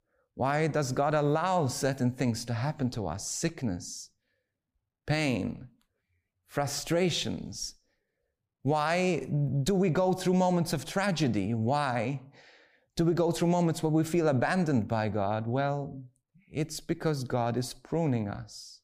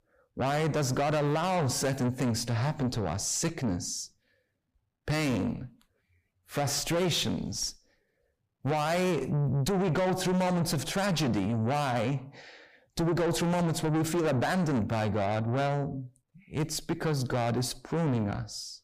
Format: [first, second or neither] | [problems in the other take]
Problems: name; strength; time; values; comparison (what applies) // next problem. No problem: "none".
first | distortion; heavy; 7 dB below the speech